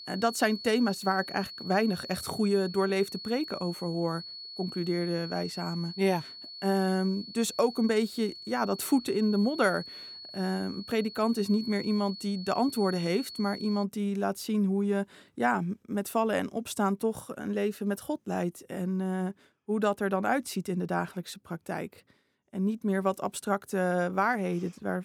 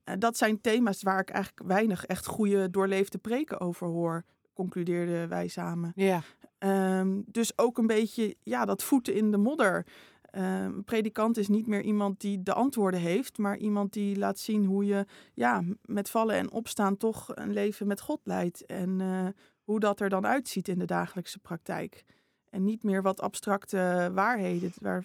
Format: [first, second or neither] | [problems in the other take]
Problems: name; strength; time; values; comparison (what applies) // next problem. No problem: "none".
second | high-pitched whine; noticeable; until 14 s; 4.5 kHz, 10 dB below the speech